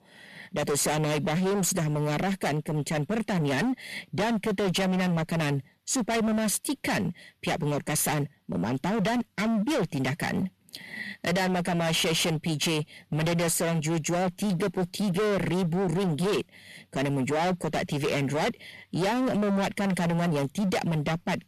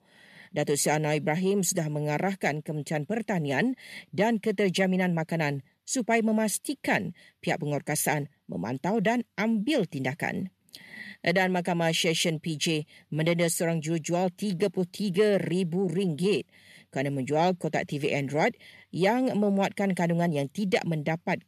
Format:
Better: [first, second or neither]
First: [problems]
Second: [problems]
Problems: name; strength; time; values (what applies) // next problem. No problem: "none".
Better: second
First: distortion; heavy; 28% of the sound clipped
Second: none